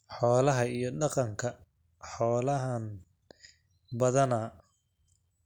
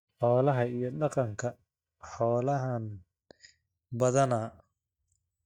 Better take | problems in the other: first | noise reduction (neural mask model DeepFilterNet 3)

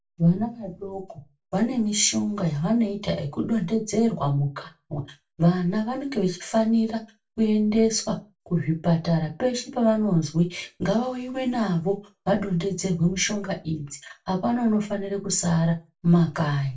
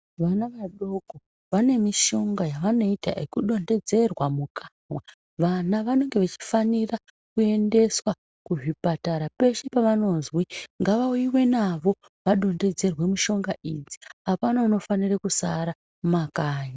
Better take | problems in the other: second | room echo; dies away in 0.2 s

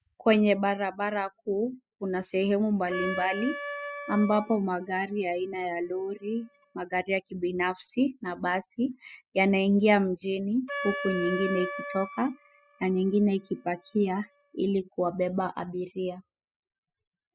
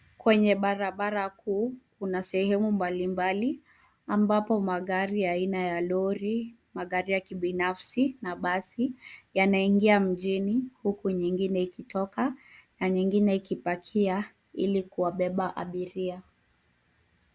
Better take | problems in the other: second | noise reduction (classical method spectral subtraction)

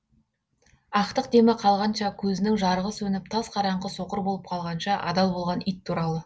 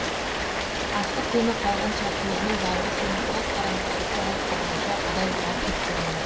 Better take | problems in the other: first | background sound (Rain); 4 dB above the speech

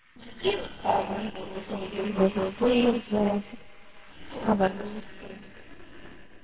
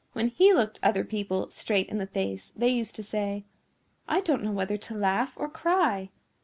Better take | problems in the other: second | noise reduction (neural separator model SepFormer WHAMR!)

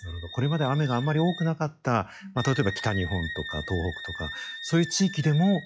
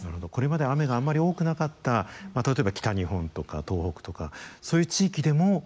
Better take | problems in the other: second | noise reduction (classical method log-MMSE)

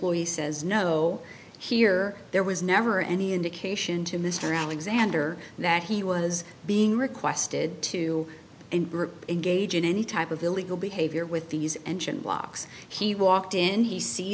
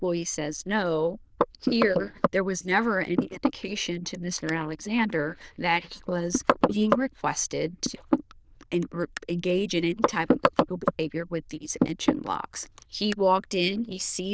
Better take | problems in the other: first | noise reduction (neural diffusion model UNIVERSE++)

